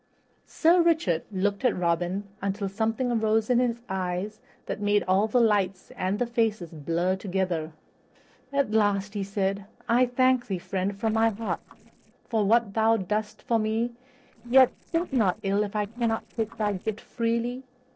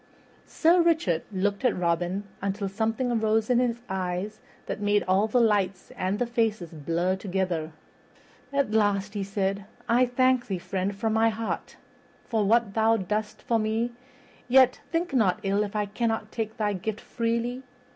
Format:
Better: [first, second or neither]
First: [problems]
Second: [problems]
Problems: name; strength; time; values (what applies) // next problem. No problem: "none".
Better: second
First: noise reduction (neural separator model SepFormer DNS4)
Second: none